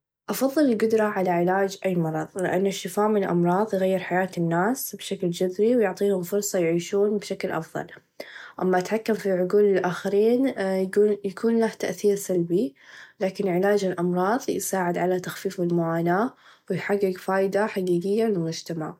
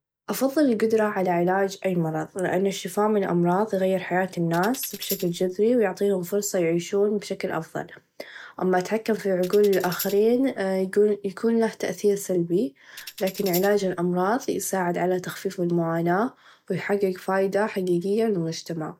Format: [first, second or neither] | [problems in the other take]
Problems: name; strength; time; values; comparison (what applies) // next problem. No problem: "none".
first | background sound (Tambourine); 14 dB below the speech